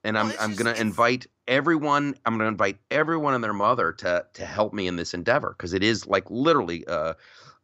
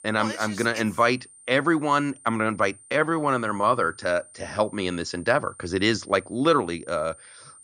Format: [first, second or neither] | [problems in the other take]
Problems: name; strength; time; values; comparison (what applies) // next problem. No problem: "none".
first | high-pitched whine; faint; throughout; 9 kHz, 20 dB below the speech